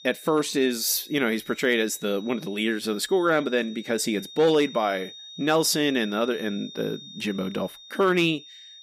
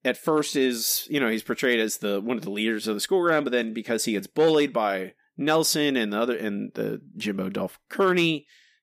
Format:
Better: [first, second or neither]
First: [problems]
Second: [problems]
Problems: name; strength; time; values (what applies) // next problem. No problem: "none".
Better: second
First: high-pitched whine; noticeable; throughout; 3.5 kHz, 15 dB below the speech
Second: none